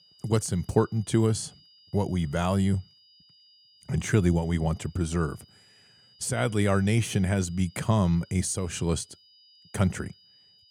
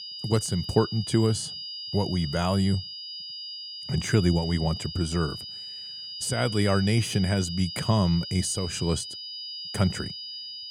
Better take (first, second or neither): first